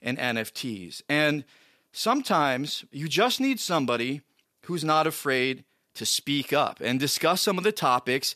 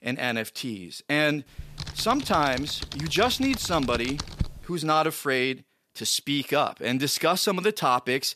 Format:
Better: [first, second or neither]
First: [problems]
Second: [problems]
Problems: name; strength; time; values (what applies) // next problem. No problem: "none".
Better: first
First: none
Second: keyboard typing; noticeable; from 1.5 to 4.5 s; peak 8 dB below the speech